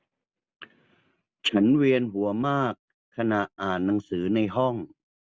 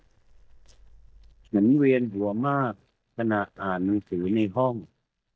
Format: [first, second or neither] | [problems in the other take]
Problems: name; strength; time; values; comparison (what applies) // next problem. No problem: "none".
first | noise reduction (neural mask model DeepFilterNet 3)